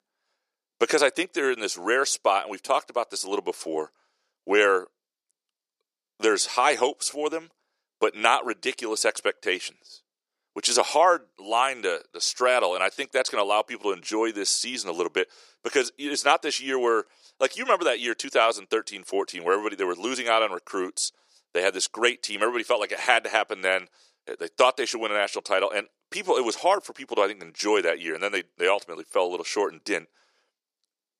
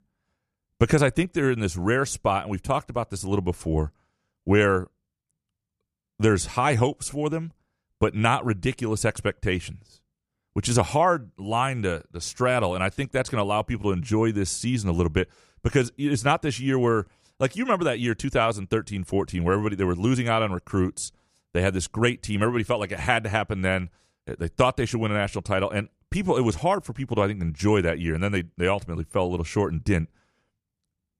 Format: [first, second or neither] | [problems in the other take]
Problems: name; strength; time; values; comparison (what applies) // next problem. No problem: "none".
second | thin; very; fading below 400 Hz